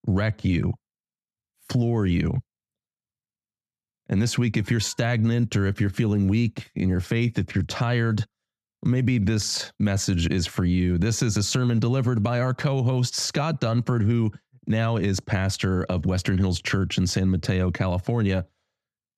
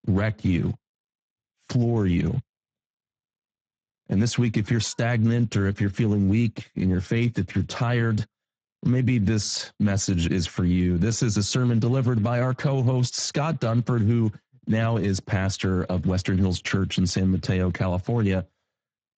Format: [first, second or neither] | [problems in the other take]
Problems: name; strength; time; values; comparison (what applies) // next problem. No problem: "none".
first | garbled, watery; badly; nothing above 7.5 kHz